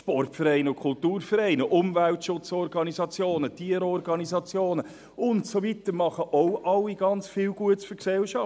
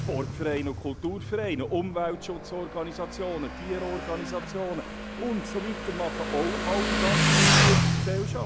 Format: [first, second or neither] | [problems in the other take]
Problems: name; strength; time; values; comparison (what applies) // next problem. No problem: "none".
first | background sound (Motorcycle); 4 dB above the speech